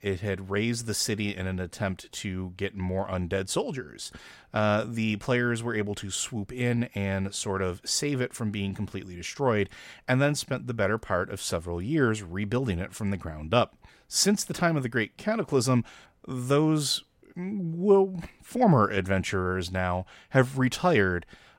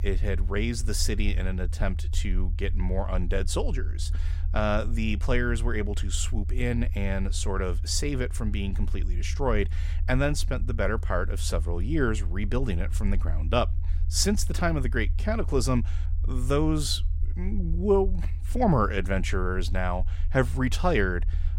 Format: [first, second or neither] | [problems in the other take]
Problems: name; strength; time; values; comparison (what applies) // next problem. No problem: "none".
first | low rumble; faint; throughout; 20 dB below the speech